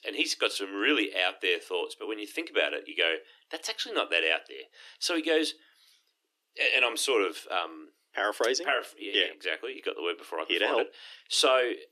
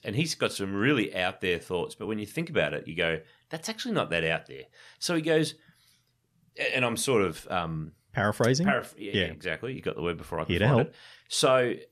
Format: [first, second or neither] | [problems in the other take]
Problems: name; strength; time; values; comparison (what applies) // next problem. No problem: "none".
second | thin; somewhat; fading below 300 Hz